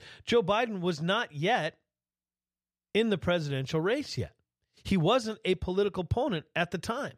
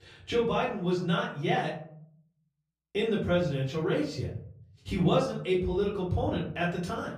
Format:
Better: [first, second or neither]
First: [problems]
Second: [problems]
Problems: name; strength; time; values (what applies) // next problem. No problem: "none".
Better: first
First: none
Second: off-mic speech; far // room echo; slight; dies away in 0.6 s